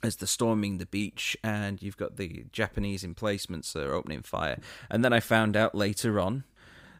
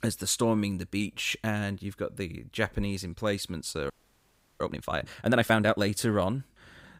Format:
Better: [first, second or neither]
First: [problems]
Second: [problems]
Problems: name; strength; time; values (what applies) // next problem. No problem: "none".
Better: first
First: none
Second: audio freezing; at 4 s for 0.5 s